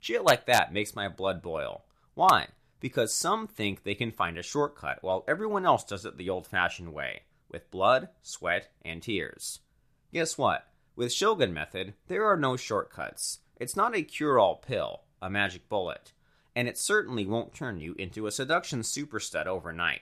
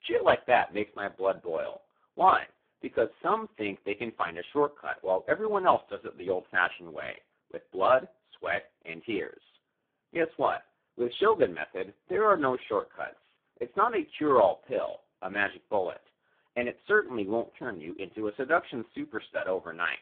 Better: first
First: none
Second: phone-call audio; poor line

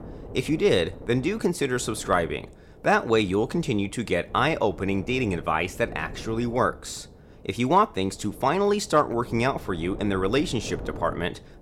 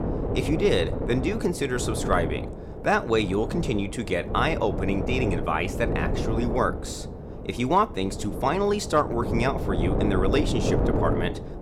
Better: first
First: wind noise on the microphone; occasional gusts; 20 dB below the speech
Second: wind noise on the microphone; heavy; 7 dB below the speech

